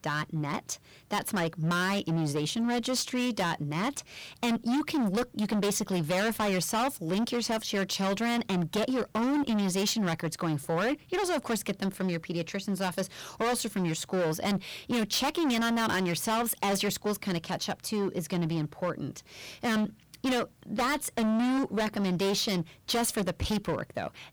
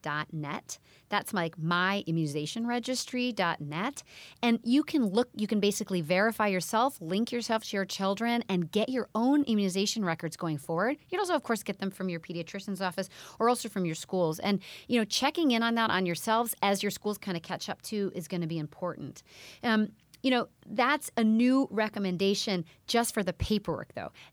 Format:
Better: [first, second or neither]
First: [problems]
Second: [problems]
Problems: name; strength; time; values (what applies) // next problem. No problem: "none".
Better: second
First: distortion; heavy; 21% of the sound clipped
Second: none